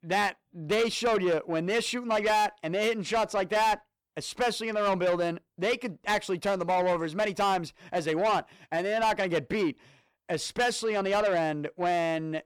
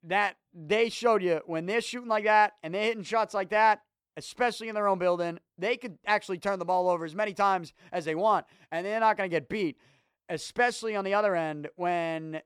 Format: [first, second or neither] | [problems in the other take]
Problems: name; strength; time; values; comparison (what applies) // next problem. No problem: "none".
second | distortion; heavy; 8 dB below the speech